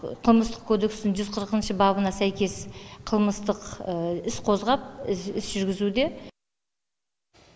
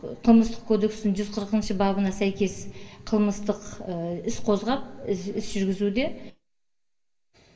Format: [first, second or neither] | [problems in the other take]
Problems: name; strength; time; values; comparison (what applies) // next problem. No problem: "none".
first | room echo; dies away in 0.2 s